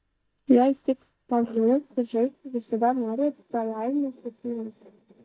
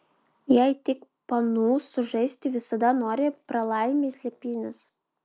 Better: second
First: noise reduction (neural mask model DeepFilterNet 3)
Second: none

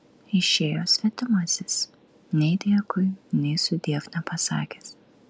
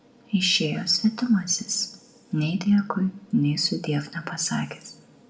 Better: first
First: none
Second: room echo; dies away in 0.4 s

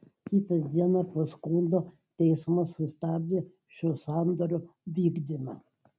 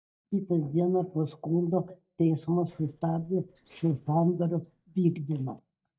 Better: first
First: none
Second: noise reduction (neural mask model DeepFilterNet 3)

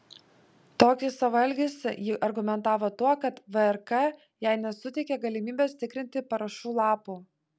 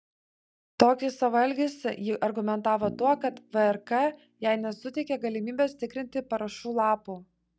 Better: first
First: none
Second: noise reduction (neural mask model DeepFilterNet 3)

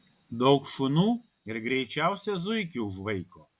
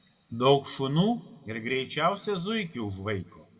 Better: first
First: none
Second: room echo; dies away in 1 s

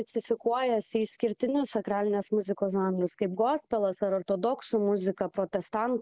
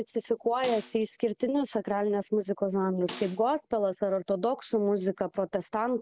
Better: first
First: none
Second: background sound (Snare drum); 18 dB below the speech

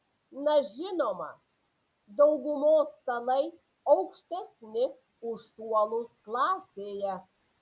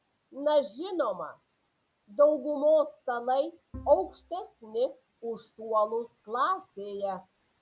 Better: first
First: none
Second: background sound (Bowed string instrument); 19 dB below the speech

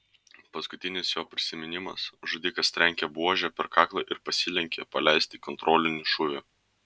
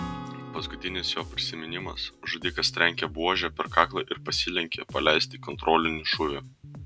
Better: first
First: none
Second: background sound (Bass guitar + Acoustic guitar / Strum); 13 dB below the speech

